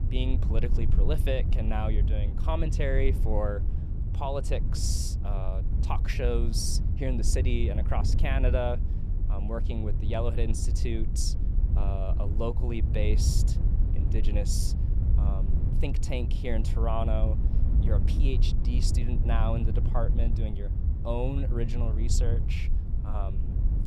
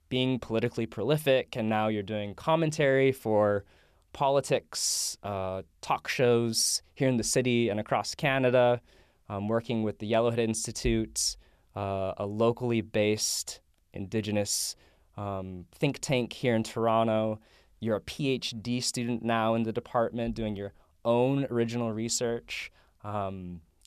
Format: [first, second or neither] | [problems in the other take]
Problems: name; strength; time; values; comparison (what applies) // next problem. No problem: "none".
second | wind noise on the microphone; heavy; 9 dB below the speech